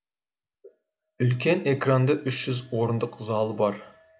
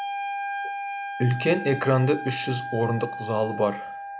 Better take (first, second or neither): first